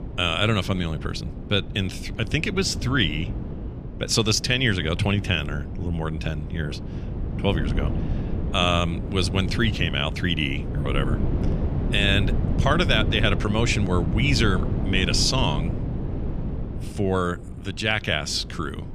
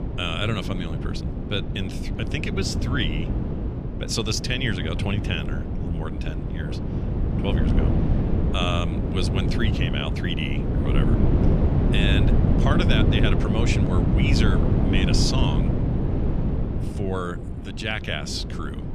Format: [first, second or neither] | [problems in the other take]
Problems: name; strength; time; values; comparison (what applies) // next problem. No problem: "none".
first | wind noise on the microphone; heavy; 3 dB below the speech; occasional gusts in the first